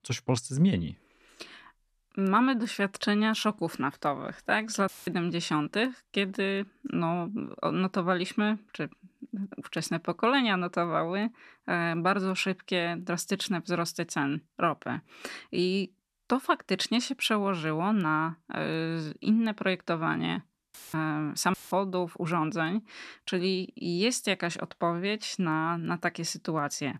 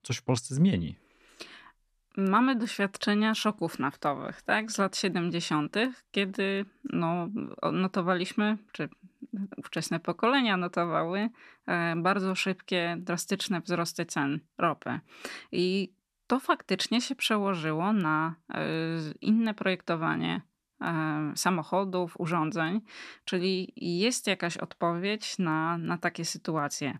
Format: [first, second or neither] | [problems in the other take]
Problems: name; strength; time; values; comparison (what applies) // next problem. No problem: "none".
second | audio cutting out; filled with static; at 5 s, at 21 s and at 22 s